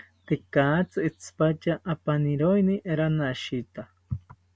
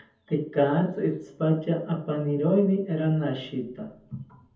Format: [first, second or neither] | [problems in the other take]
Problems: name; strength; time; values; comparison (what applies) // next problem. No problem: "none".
first | room echo; dies away in 0.7 s